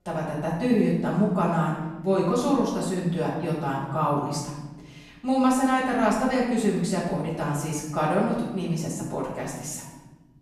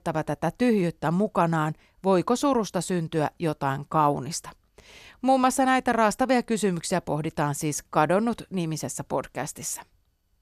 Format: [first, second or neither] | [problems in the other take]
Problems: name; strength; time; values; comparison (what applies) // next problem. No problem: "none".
second | off-mic speech; far // room echo; noticeable; dies away in 1.2 s